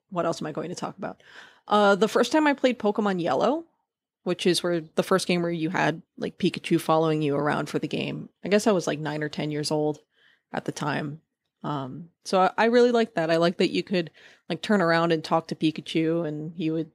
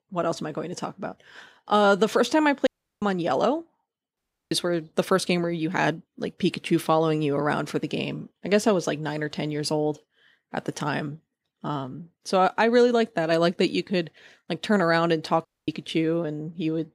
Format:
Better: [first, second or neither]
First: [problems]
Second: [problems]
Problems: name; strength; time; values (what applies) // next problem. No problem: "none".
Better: first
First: none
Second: audio cutting out; at 2.5 s, at 4 s and at 15 s